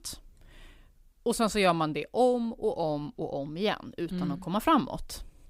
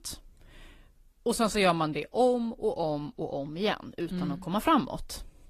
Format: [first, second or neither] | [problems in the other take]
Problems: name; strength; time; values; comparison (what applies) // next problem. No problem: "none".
first | garbled, watery; slightly; nothing above 14.5 kHz